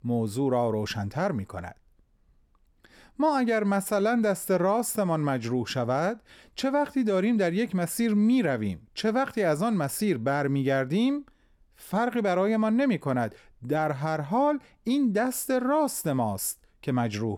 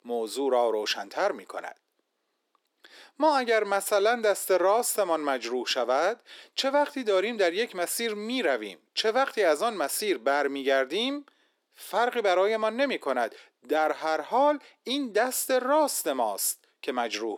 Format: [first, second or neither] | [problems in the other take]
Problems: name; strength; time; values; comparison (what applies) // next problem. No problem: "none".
first | thin; somewhat; fading below 350 Hz